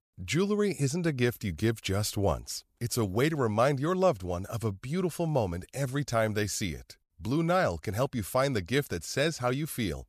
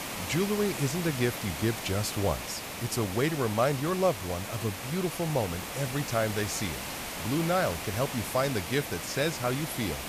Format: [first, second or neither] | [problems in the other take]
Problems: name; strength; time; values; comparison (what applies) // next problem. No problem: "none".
first | hiss; loud; throughout; 5 dB below the speech